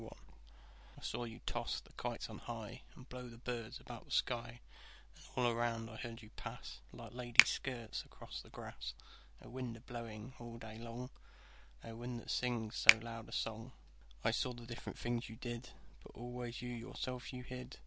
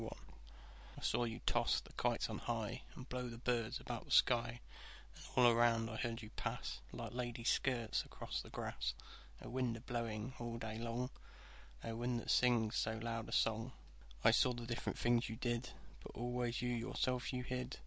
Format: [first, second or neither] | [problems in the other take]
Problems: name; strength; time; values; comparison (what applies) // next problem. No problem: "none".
second | background sound (Finger snapping); 3 dB above the speech